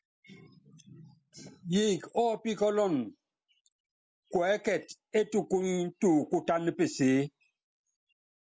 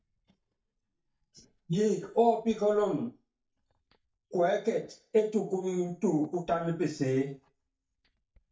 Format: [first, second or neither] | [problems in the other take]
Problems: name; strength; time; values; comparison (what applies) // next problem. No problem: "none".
first | noise reduction (neural mask model DeepFilterNet 3)